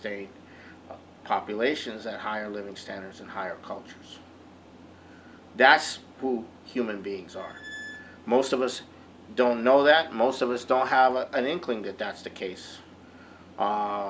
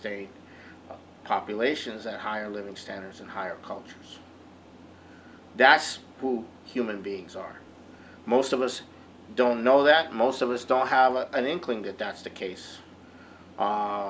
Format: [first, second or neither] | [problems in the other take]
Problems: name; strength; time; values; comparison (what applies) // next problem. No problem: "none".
second | background sound (Squeak); 16 dB below the speech